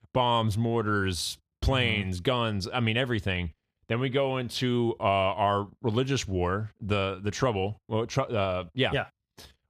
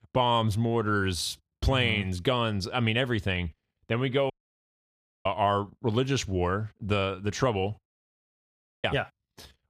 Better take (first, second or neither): first